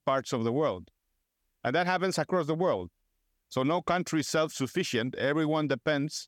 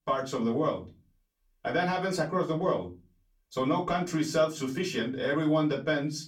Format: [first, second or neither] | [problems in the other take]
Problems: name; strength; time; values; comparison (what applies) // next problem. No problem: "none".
first | off-mic speech; far // room echo; very slight; dies away in 0.3 s